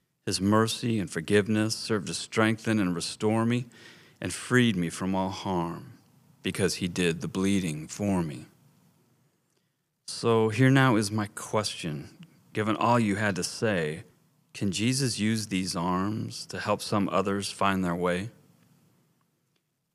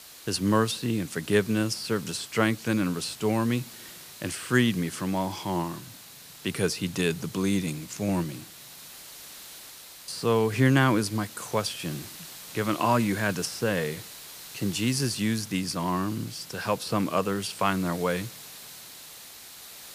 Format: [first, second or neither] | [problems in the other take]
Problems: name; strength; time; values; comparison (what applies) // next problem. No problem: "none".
first | hiss; noticeable; throughout; 15 dB below the speech